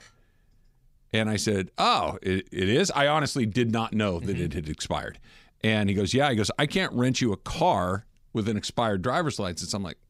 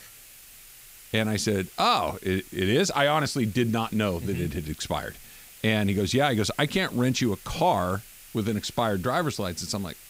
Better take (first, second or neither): first